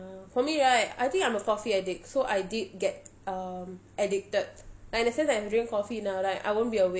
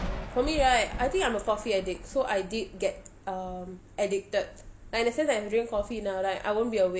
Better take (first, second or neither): first